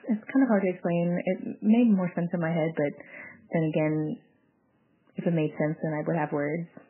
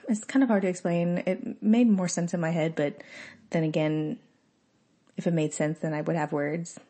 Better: second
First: garbled, watery; badly; nothing above 3 kHz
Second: garbled, watery; slightly; nothing above 8 kHz

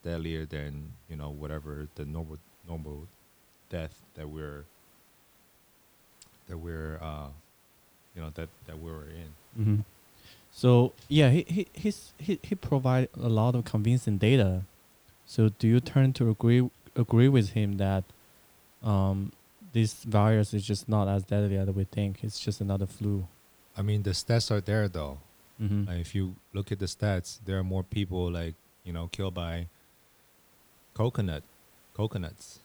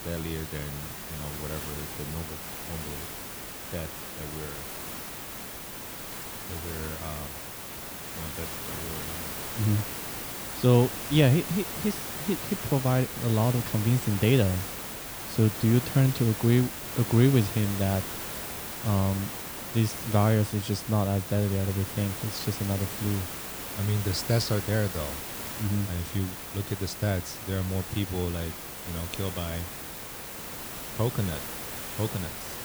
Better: first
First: hiss; faint; throughout; 30 dB below the speech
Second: hiss; loud; throughout; 7 dB below the speech

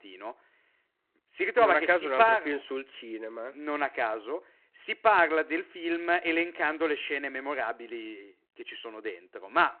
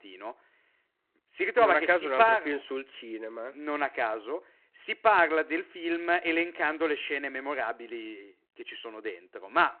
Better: neither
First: phone-call audio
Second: phone-call audio

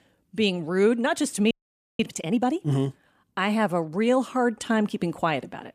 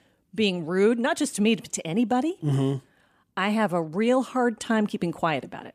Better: second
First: audio freezing; at 1.5 s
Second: none

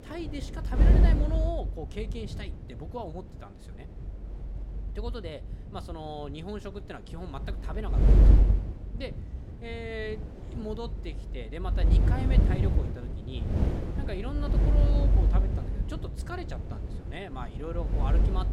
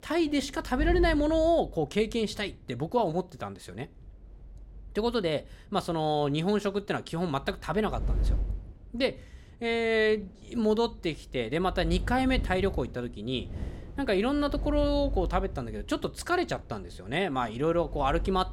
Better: second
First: wind noise on the microphone; heavy; 1 dB below the speech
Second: wind noise on the microphone; occasional gusts; 25 dB below the speech

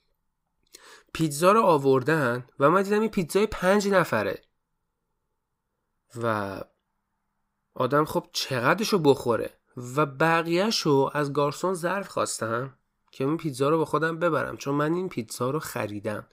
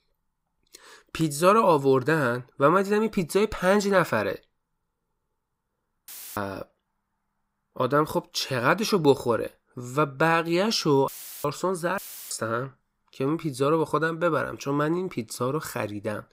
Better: first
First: none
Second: audio cutting out; filled with static; at 6 s, at 11 s and at 12 s

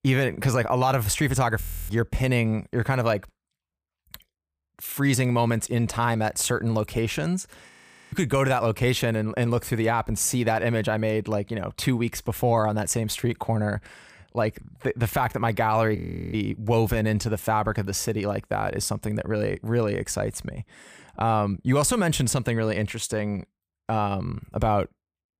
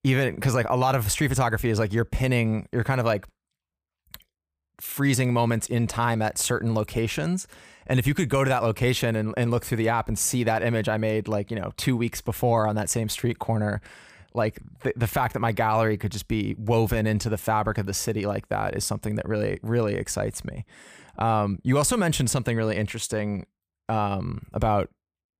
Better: second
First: audio freezing; at 1.5 s, at 7.5 s and at 16 s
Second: none

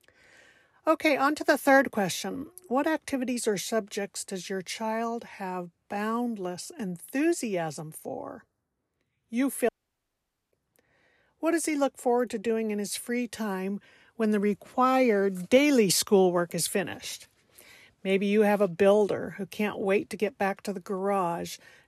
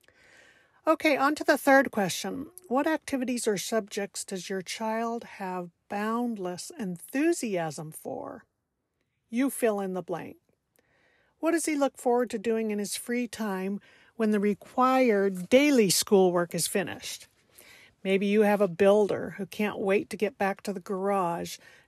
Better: second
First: audio cutting out; at 9.5 s for 1 s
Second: none

